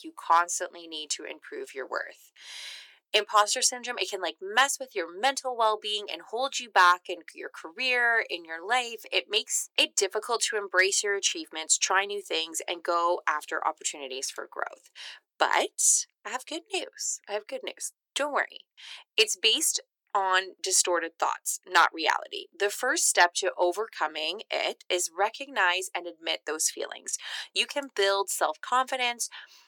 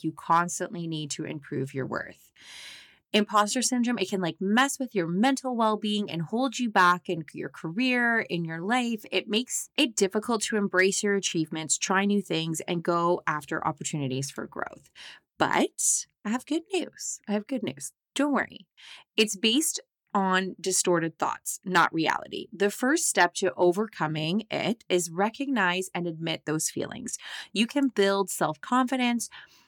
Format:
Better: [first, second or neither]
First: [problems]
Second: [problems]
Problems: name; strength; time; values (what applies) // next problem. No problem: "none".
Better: second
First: thin; very; fading below 400 Hz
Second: none